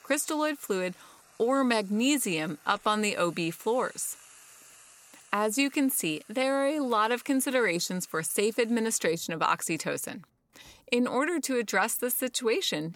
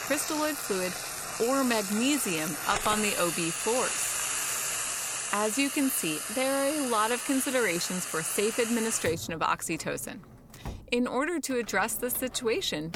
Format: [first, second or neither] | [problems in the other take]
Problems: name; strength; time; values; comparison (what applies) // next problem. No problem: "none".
first | household noises; loud; throughout; 2 dB below the speech; faint in the first